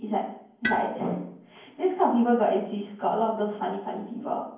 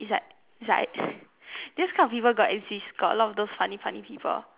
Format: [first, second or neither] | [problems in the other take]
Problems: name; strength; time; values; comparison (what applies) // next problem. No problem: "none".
second | background sound (Tools); 13 dB below the speech // room echo; dies away in 0.9 s